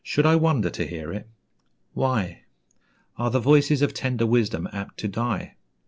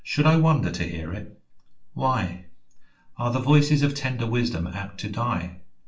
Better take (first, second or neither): first